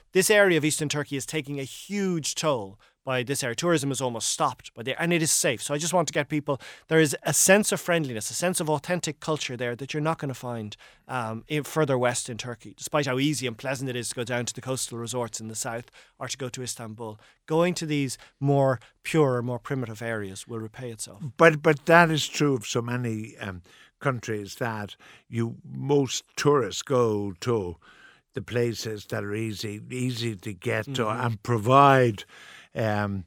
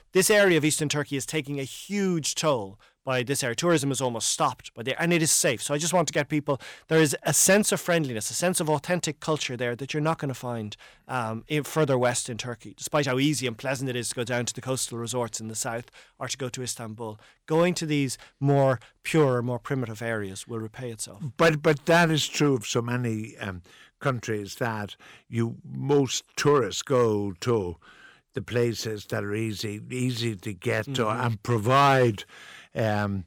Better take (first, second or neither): first